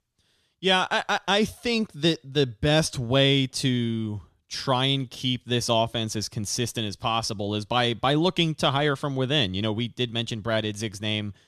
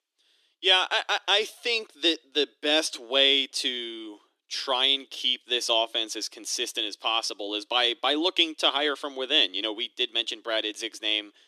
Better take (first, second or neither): first